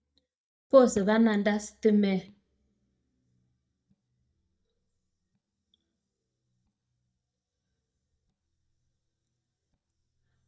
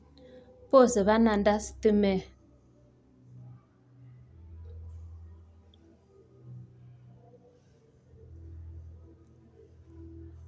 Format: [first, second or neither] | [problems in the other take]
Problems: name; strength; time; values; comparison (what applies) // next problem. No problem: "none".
second | noise reduction (neural mask model DeepFilterNet 3)